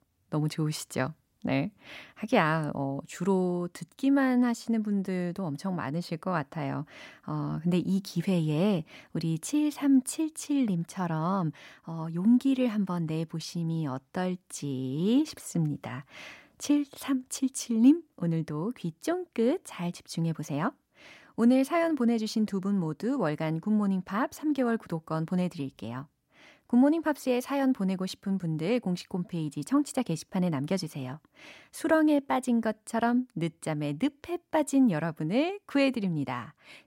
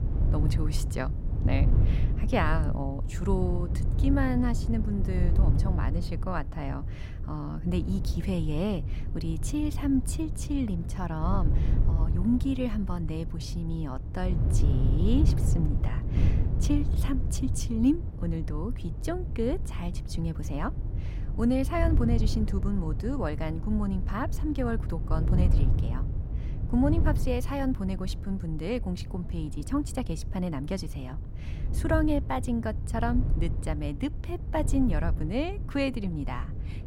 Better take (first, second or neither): first